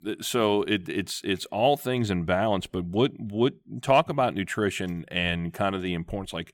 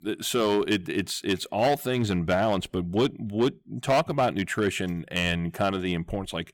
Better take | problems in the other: first | distortion; slight; 4% of the sound clipped

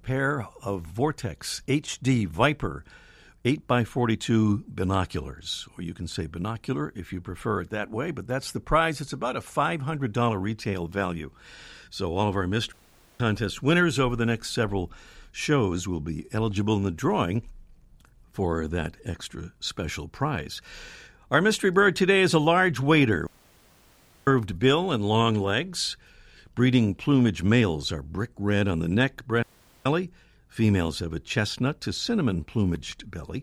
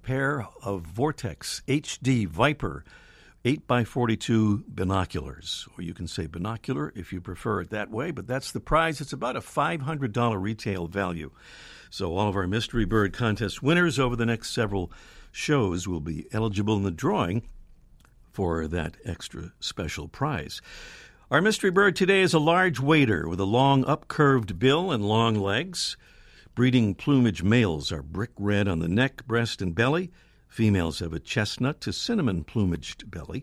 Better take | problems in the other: second | audio cutting out; at 13 s, at 23 s for 1 s and at 29 s

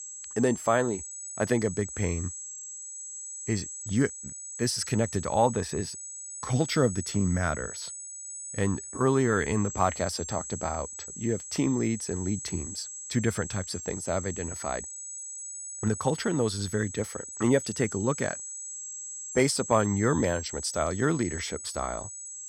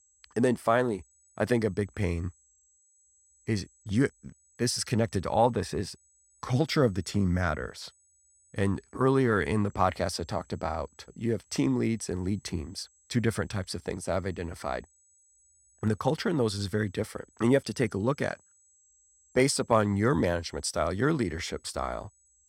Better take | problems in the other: second | high-pitched whine; loud; throughout; 7.5 kHz, 8 dB below the speech; faint in the second

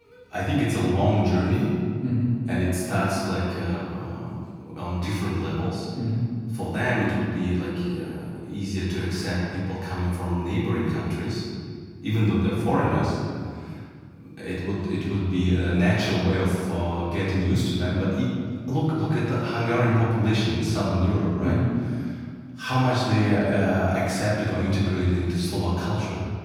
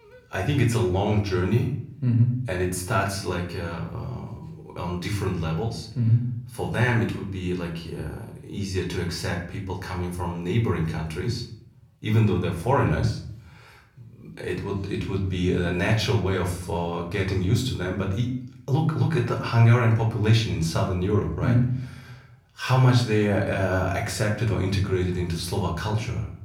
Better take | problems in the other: second | room echo; strong; dies away in 1.9 s; slight in the second // off-mic speech; far; somewhat distant in the second

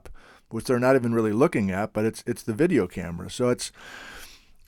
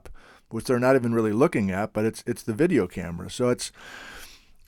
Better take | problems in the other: neither | none

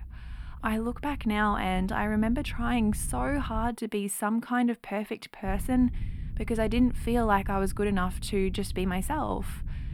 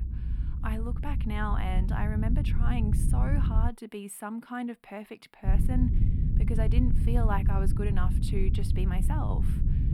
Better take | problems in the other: first | low rumble; loud; until 3.5 s and from 5.5 s on; 5 dB below the speech; faint in the first

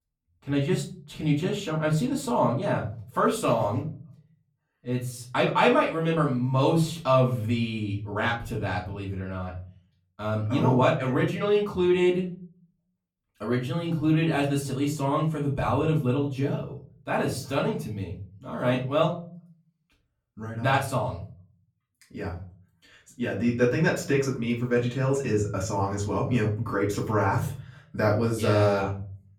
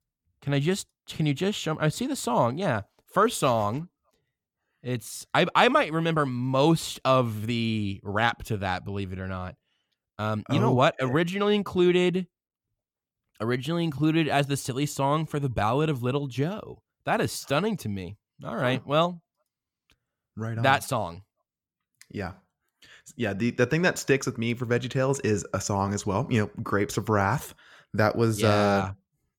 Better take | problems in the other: second | off-mic speech; far // room echo; slight; dies away in 0.5 s

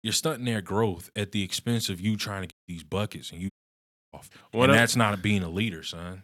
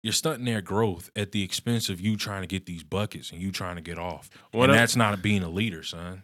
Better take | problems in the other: second | audio cutting out; at 2.5 s and at 3.5 s for 0.5 s

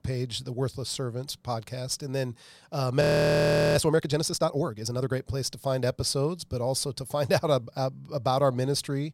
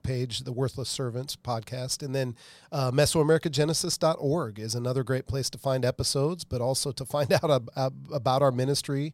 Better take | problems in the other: second | audio freezing; at 3 s for 0.5 s

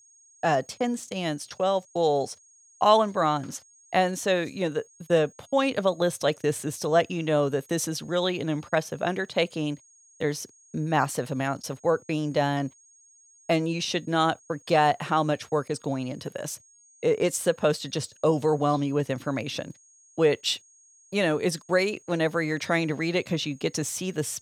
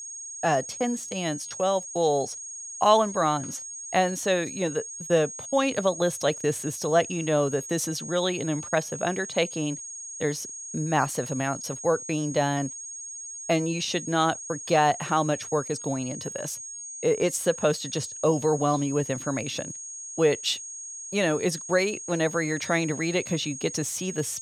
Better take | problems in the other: first | high-pitched whine; loud; throughout; 6.5 kHz, 9 dB below the speech; faint in the first

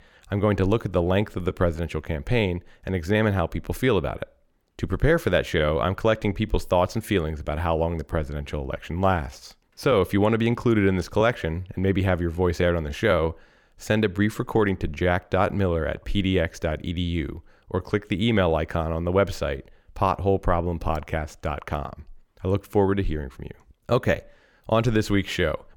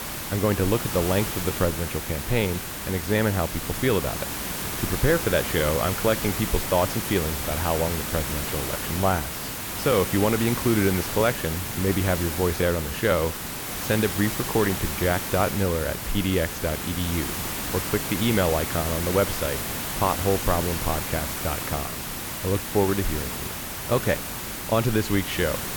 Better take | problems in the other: first | hiss; loud; throughout; 3 dB below the speech

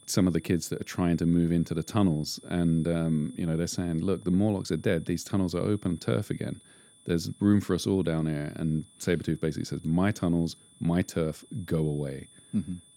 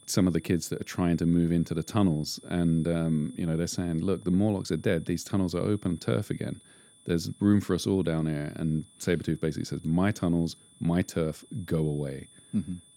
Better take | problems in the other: neither | high-pitched whine; faint; throughout; 10 kHz, 25 dB below the speech; the same in both

